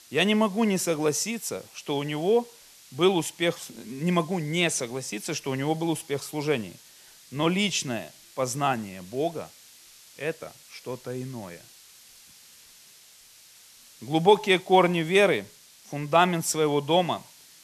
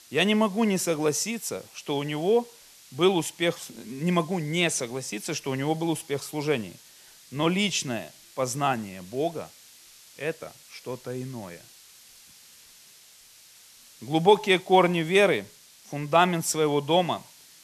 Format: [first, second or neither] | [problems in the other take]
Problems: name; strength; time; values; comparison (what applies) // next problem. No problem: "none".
neither | hiss; faint; throughout; 25 dB below the speech; the same in both